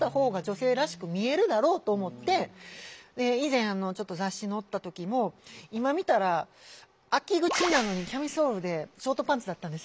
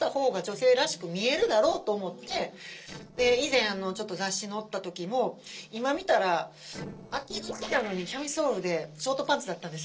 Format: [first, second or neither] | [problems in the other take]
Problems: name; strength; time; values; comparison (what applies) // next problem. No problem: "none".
first | noise reduction (neural separator model SepFormer DNS4)